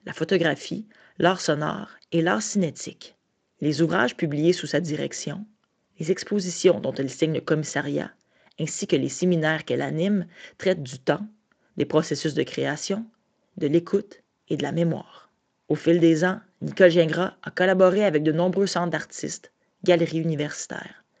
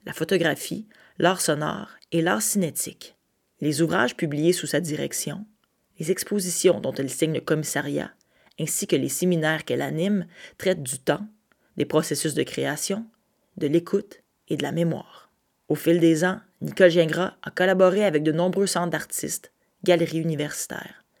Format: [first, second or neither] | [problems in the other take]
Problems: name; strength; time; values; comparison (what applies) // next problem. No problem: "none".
second | garbled, watery; slightly; nothing above 7.5 kHz